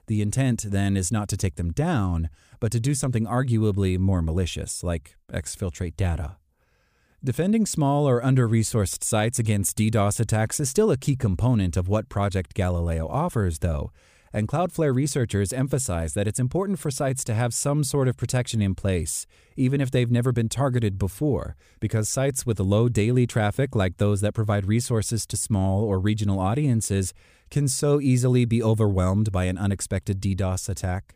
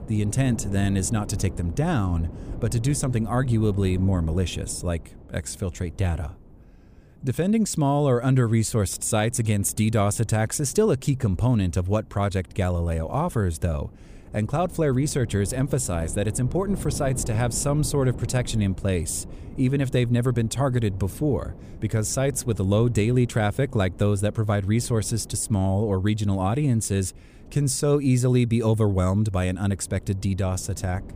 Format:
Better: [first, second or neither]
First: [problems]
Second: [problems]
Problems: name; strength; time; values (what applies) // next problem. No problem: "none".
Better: first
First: none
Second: wind noise on the microphone; occasional gusts; 20 dB below the speech